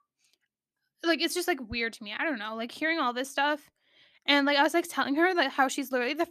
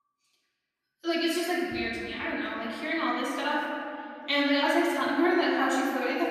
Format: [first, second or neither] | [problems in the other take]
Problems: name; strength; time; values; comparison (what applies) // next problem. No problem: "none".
first | off-mic speech; far // room echo; noticeable; dies away in 2.3 s